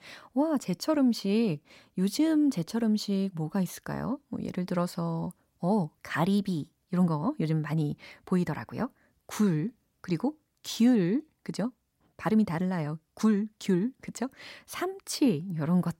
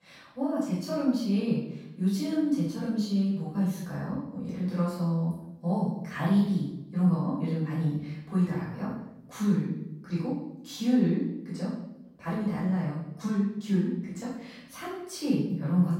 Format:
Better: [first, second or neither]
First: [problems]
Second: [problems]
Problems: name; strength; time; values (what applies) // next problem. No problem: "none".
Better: first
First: none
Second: off-mic speech; far // room echo; noticeable; dies away in 0.8 s